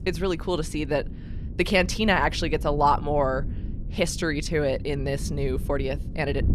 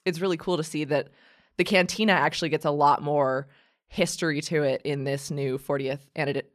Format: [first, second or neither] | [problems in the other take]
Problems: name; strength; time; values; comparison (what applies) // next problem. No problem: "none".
second | wind noise on the microphone; occasional gusts; 20 dB below the speech